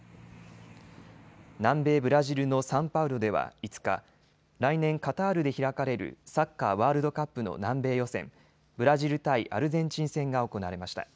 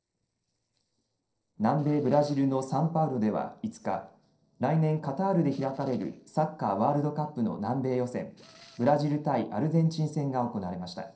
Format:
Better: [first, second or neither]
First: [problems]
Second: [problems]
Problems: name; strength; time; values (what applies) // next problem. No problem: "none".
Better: first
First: none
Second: noise reduction (neural separator model SepFormer DNS4)